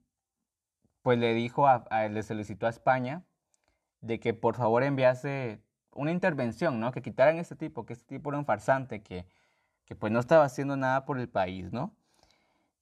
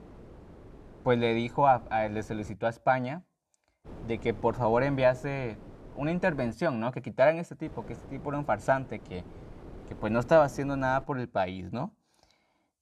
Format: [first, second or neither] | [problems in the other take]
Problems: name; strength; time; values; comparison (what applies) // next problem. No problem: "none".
first | wind noise on the microphone; occasional gusts; until 2.5 s, from 4 to 6.5 s and from 7.5 to 11 s; 25 dB below the speech